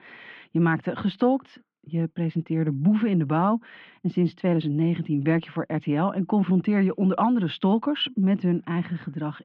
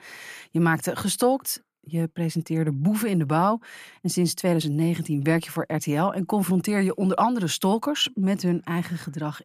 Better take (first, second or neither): second